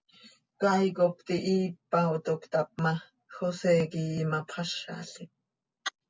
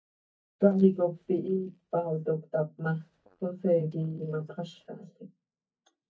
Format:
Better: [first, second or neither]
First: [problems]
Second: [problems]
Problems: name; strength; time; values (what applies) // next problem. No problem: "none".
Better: first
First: none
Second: noise reduction (neural mask model DeepFilterNet 3)